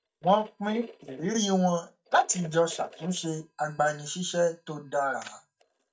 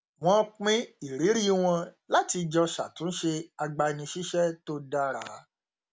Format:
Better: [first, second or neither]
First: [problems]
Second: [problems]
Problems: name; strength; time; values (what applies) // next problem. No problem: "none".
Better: second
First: noise reduction (neural mask model DeepFilterNet 3)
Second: none